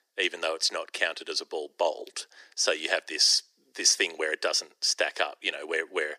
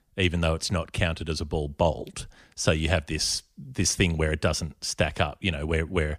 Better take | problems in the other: second | thin; very; fading below 350 Hz

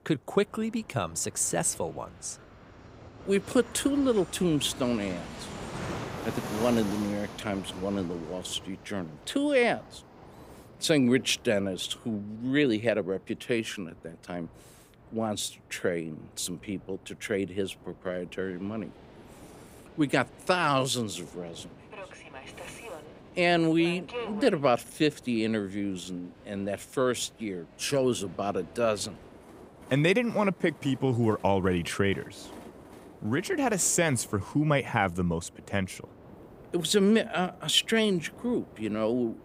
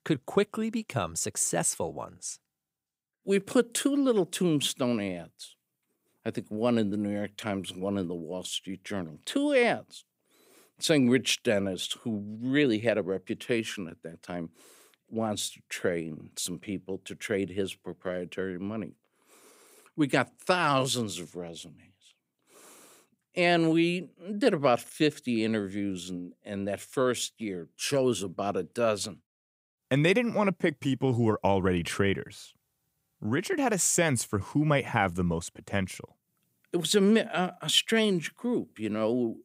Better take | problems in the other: second | train or aircraft noise; noticeable; throughout; 15 dB below the speech

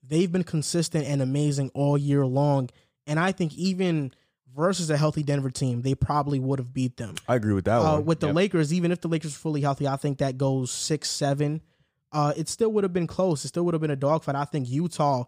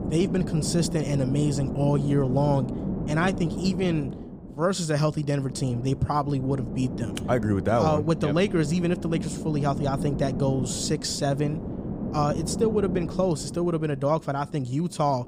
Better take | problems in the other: first | wind noise on the microphone; heavy; 10 dB below the speech

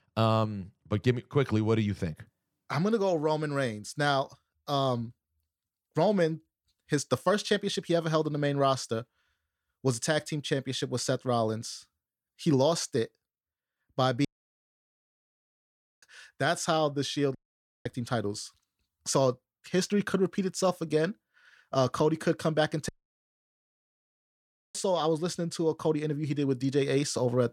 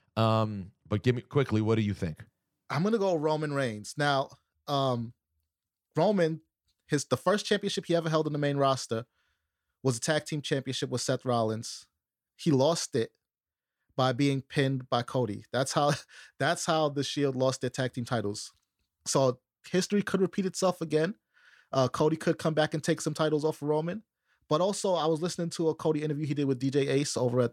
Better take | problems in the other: second | audio cutting out; at 14 s for 2 s, at 17 s for 0.5 s and at 23 s for 2 s

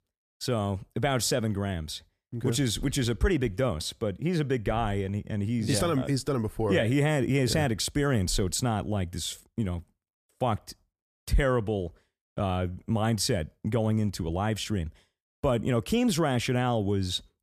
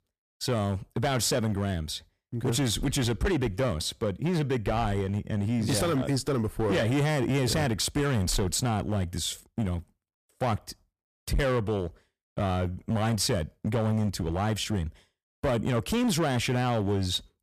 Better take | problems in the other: first | distortion; slight; 13% of the sound clipped

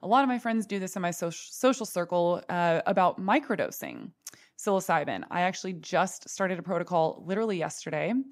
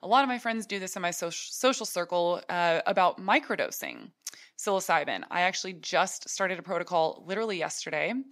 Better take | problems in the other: first | thin; very slightly; fading below 450 Hz

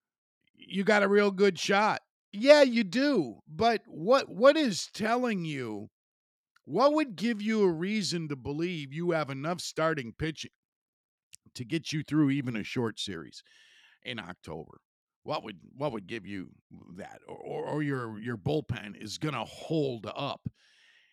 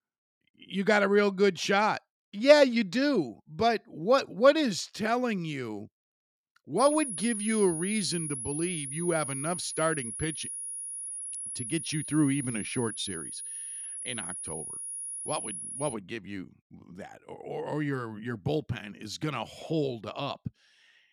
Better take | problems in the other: first | high-pitched whine; loud; from 7 to 16 s; 10.5 kHz, 6 dB below the speech

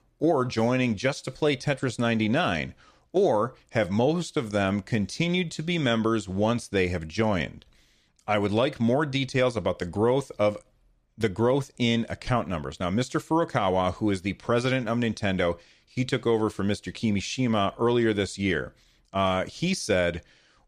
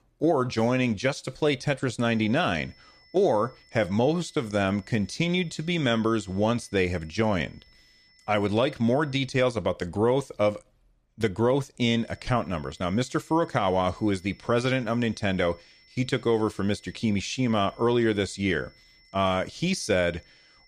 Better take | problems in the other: first | high-pitched whine; faint; from 2 to 9.5 s and from 12 s on; 2 kHz, 30 dB below the speech

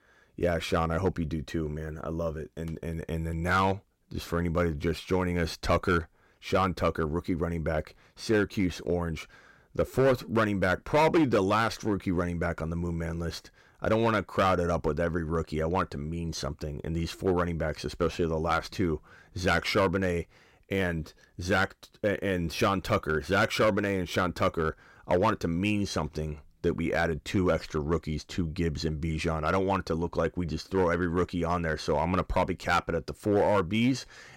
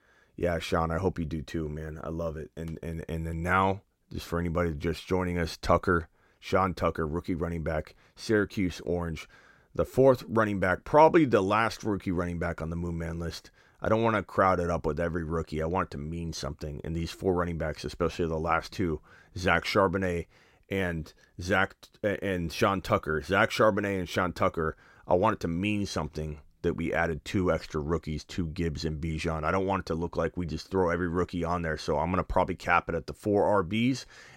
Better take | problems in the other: second | distortion; slight; 3% of the sound clipped

